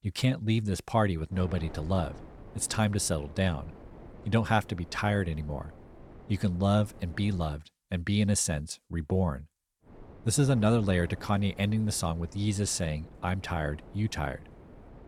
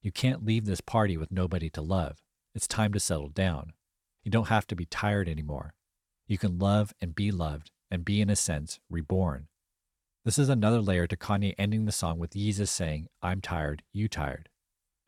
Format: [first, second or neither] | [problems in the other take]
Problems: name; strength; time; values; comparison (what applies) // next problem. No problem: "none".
second | wind noise on the microphone; occasional gusts; from 1.5 to 7.5 s and from 10 s on; 20 dB below the speech